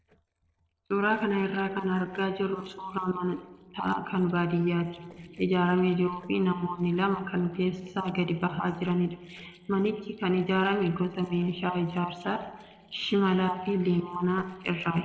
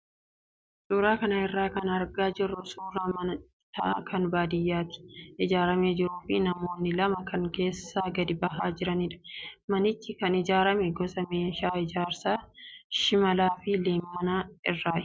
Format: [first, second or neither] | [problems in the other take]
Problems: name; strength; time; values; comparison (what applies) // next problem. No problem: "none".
second | noise reduction (neural separator model SepFormer DNS4)